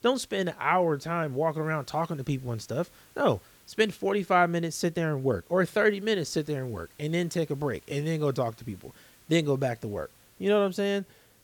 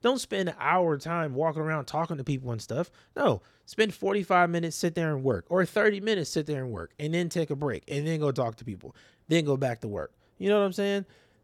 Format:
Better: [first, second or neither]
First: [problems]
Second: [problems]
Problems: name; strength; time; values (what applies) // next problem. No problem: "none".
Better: second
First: hiss; faint; throughout; 30 dB below the speech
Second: none